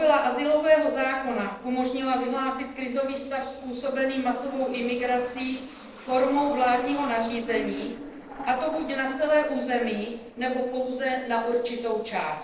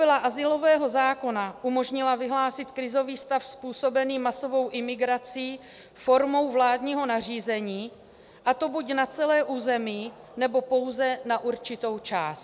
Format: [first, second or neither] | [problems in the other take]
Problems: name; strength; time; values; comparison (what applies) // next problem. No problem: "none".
second | noise reduction (neural separator model SepFormer DNS4)